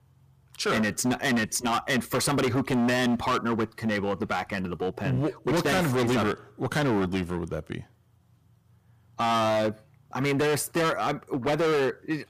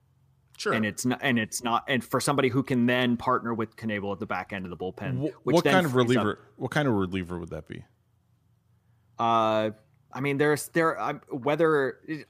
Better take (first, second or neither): second